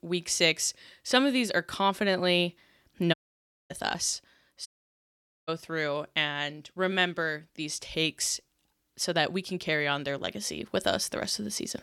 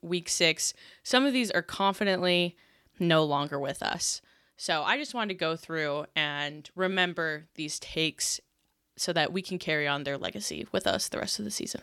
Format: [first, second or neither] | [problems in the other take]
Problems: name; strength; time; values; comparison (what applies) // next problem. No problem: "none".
second | audio cutting out; at 3 s for 0.5 s and at 4.5 s for 1 s